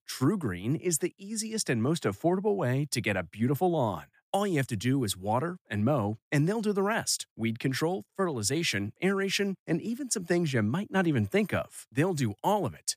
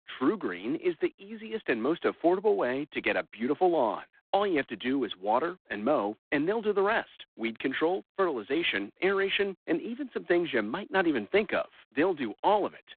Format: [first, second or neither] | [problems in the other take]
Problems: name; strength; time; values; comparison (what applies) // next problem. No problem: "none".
first | phone-call audio; poor line